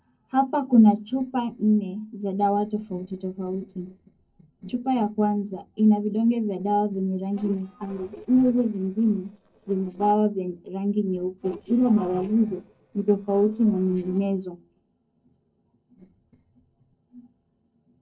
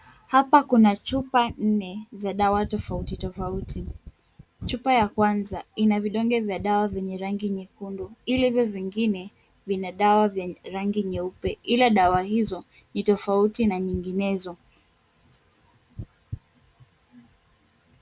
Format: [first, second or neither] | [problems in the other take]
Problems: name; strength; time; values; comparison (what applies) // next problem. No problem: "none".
second | noise reduction (neural separator model SepFormer DNS4)